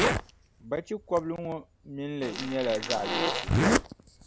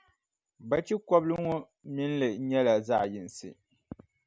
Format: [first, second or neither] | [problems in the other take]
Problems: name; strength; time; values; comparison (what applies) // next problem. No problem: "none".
second | background sound (Fart + Zipper (clothing)); 3 dB above the speech